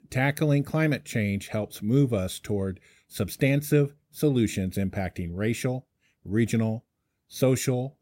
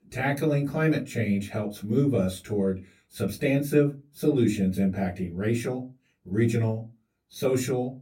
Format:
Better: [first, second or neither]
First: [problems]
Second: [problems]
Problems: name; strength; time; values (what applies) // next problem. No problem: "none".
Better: first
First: none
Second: off-mic speech; far // room echo; very slight; dies away in 0.2 s